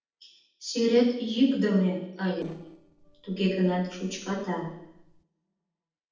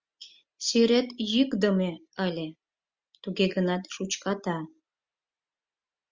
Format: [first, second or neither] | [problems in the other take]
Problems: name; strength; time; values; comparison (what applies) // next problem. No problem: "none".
second | noise reduction (neural separator model SepFormer DNS4)